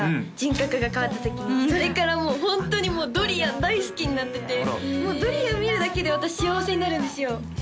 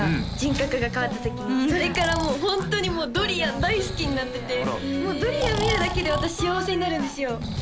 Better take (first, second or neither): first